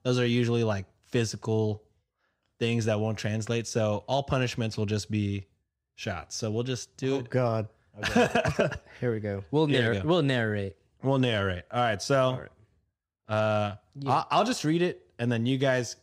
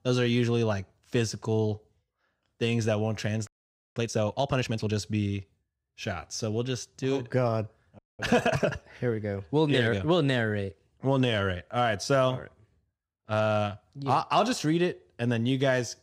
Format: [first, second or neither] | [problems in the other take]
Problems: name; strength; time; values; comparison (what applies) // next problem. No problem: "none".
first | audio freezing; at 3.5 s and at 8 s